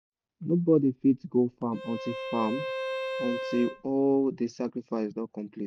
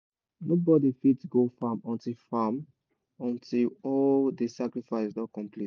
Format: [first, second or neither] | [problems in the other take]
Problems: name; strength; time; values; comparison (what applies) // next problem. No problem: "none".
second | background sound (Bowed string instrument); 8 dB below the speech